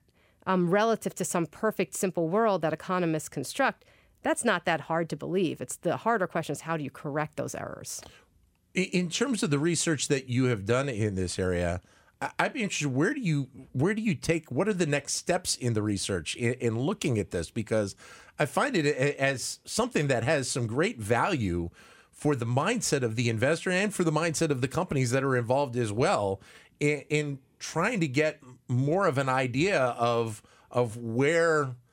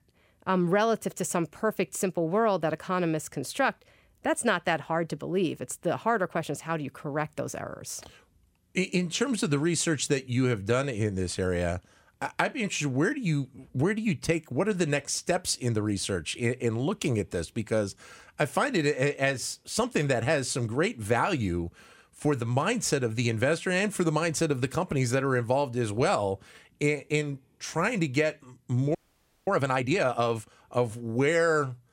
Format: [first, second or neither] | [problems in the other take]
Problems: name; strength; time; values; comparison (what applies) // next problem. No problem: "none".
first | audio freezing; at 29 s for 0.5 s